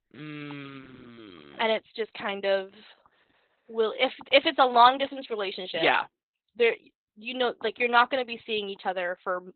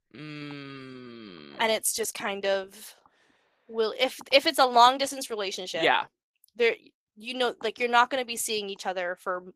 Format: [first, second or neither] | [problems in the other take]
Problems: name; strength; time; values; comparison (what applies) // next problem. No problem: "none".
second | garbled, watery; badly; nothing above 4 kHz; slightly in the second